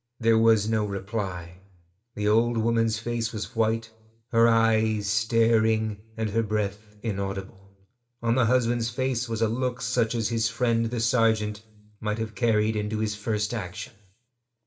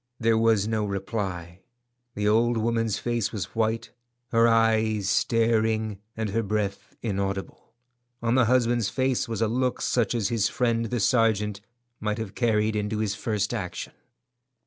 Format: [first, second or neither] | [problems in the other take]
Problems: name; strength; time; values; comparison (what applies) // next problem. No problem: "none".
second | room echo; dies away in 0.5 s